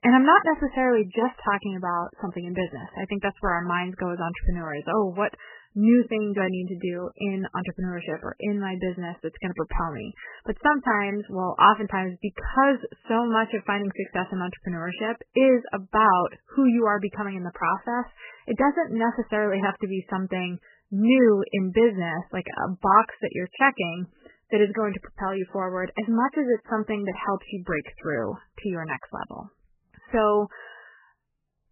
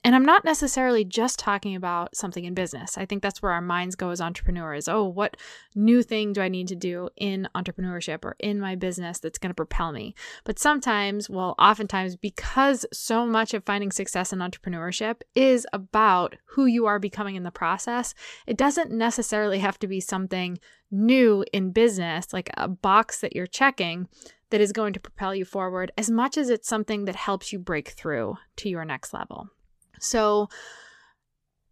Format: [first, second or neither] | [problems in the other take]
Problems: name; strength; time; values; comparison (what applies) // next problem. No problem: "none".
second | garbled, watery; badly; nothing above 3 kHz